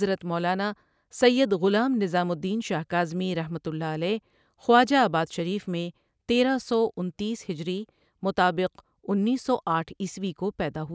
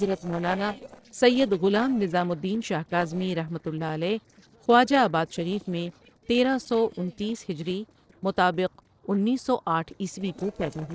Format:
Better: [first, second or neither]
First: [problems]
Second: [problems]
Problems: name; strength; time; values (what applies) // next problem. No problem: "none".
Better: first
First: none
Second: noise reduction (neural separator model SepFormer DNS4)